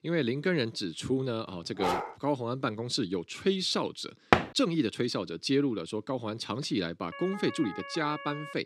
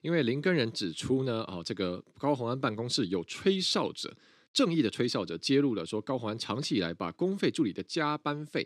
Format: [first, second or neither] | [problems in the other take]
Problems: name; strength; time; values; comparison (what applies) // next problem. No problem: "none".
second | dog barking; noticeable; at 2 s; peak 1 dB below the speech // door banging; loud; at 4.5 s; peak 5 dB above the speech // siren; noticeable; from 7 s on; peak 10 dB below the speech